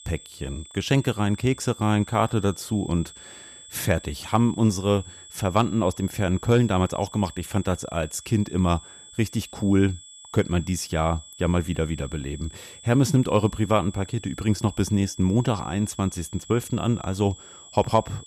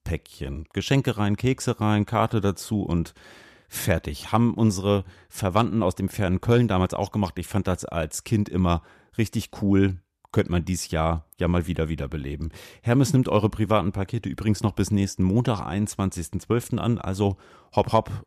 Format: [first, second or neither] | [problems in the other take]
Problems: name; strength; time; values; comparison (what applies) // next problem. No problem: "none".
second | high-pitched whine; noticeable; throughout; 3.5 kHz, 20 dB below the speech